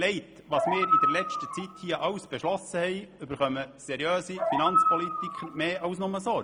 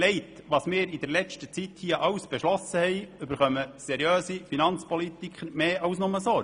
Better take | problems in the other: second | background sound (Animal); 1 dB above the speech

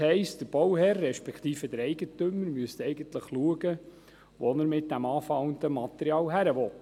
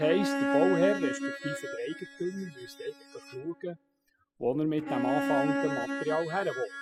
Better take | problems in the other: first | noise reduction (classical method spectral subtraction)

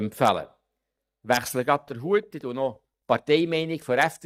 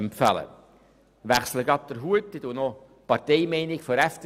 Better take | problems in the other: second | noise reduction (neural mask model DeepFilterNet 3)

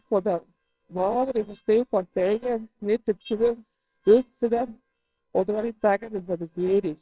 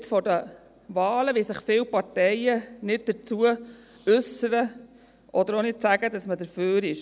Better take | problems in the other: second | noise reduction (neural separator model SepFormer WHAMR!)

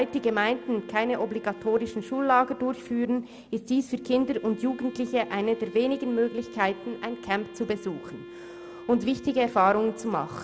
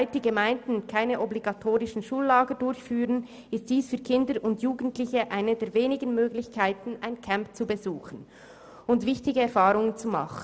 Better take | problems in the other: second | background sound (Wind instrument, woodwind instrument); 16 dB below the speech

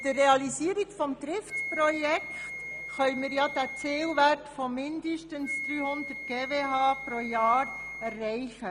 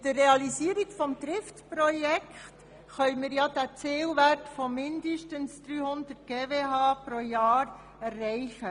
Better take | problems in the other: second | background sound (Wind instrument, woodwind instrument); 10 dB below the speech

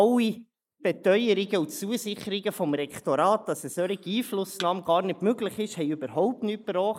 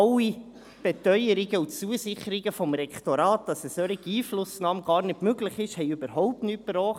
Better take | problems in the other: second | noise reduction (neural mask model Resemble Enhance denoiser)

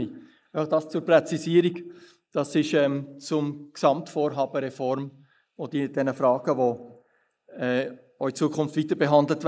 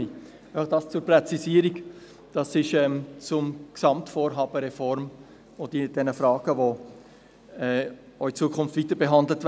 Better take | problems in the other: second | noise reduction (neural mask model Resemble Enhance denoiser)

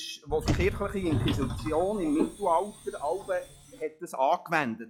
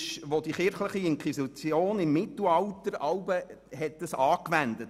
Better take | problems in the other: second | noise reduction (classical method log-MMSE)

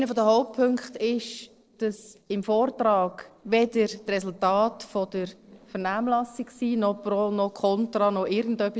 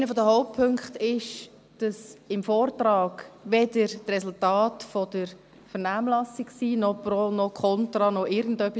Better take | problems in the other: second | noise reduction (neural separator model SepFormer DNS4)

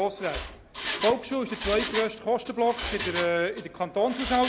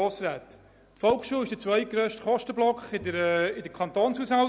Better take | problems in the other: second | background sound (Mechanisms); 8 dB below the speech

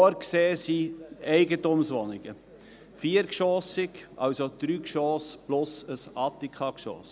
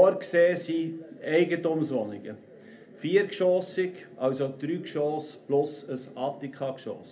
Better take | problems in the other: first | room echo; dies away in 0.3 s

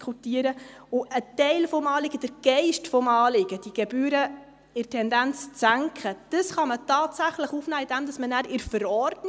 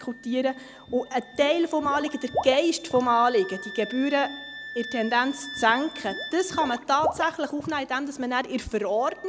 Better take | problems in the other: first | background sound (Wind instrument, woodwind instrument + Water / Liquid); 11 dB below the speech

